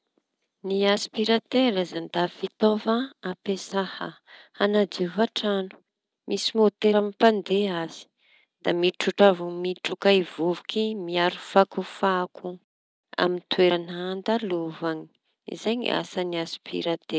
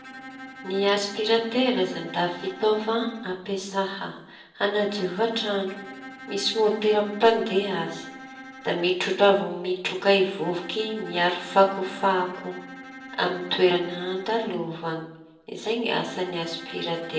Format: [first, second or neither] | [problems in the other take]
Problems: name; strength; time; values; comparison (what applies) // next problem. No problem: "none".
first | background sound (Bowed string instrument); 17 dB below the speech // room echo; dies away in 0.7 s